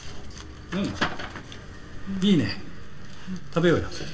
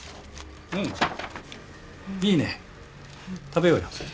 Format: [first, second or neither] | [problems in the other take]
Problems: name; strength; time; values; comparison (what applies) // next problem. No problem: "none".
second | background sound (Drip); 7 dB below the speech // room echo; dies away in 2.1 s